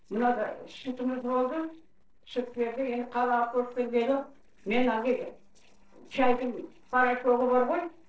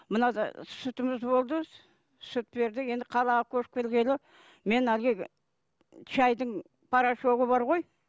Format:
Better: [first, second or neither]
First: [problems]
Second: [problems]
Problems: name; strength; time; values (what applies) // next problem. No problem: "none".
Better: second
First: noise reduction (neural separator model SepFormer DNS4)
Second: none